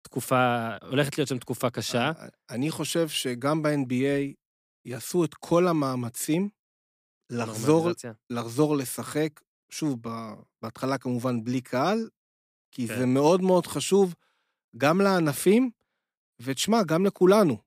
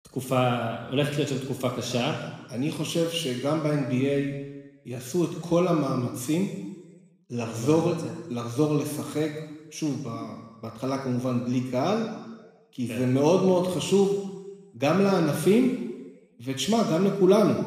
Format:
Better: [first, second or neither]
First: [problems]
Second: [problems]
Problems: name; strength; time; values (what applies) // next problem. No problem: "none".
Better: first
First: none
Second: room echo; noticeable; dies away in 1.1 s